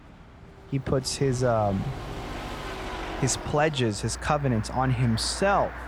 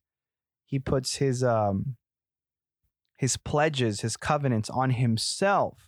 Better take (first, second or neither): second